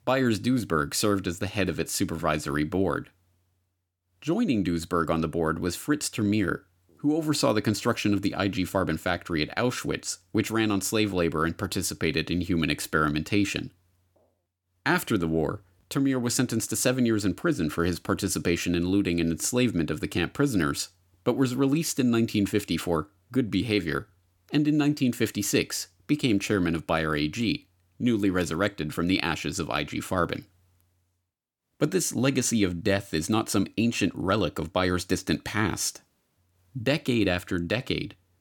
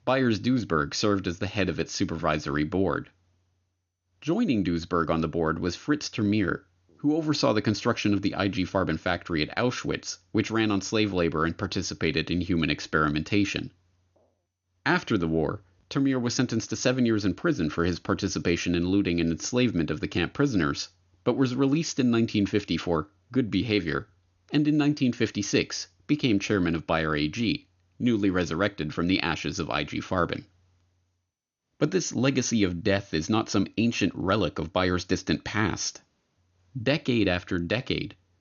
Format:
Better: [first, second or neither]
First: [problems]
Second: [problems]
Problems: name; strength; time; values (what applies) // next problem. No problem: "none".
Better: first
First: none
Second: garbled, watery; slightly; nothing above 6.5 kHz